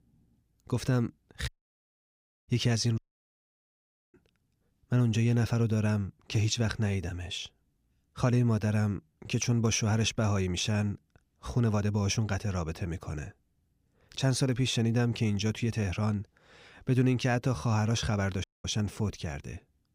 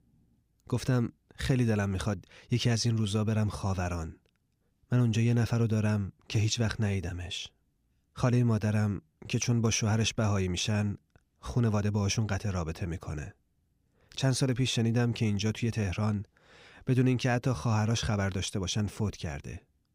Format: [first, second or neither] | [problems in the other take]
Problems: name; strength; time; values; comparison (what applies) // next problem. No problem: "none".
second | audio cutting out; at 1.5 s for 1 s, at 3 s for 1 s and at 18 s